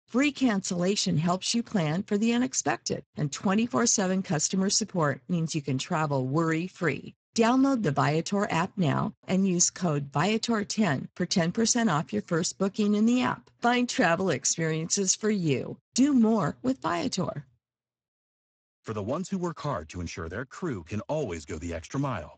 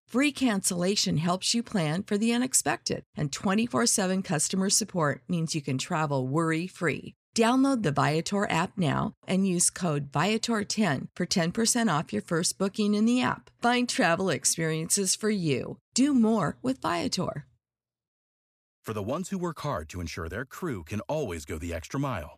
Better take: second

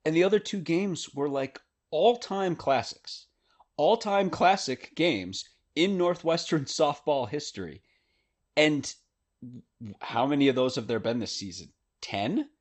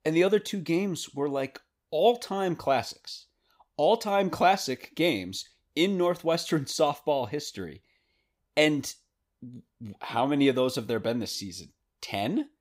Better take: second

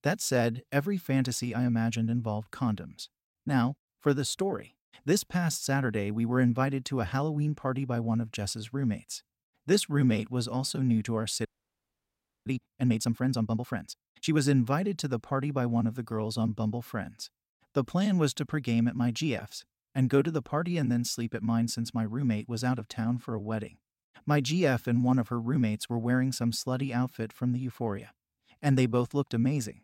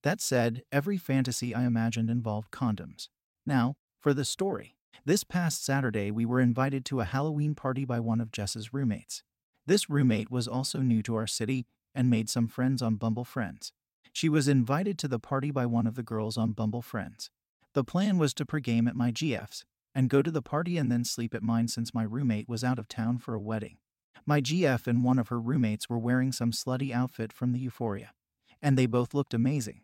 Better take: second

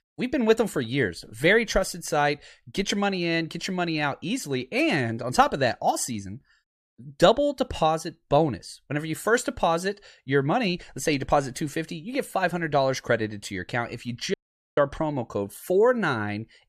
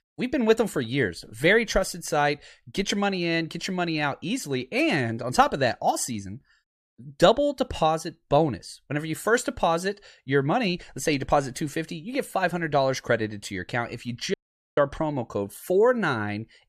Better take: neither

